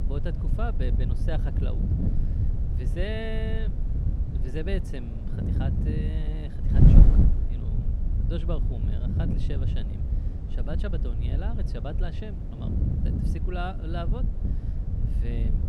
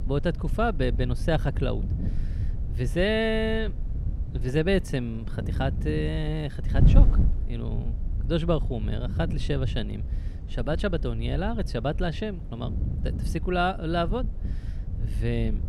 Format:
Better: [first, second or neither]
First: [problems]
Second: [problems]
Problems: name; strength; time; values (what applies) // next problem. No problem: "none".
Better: second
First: wind noise on the microphone; heavy; 1 dB below the speech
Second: wind noise on the microphone; occasional gusts; 15 dB below the speech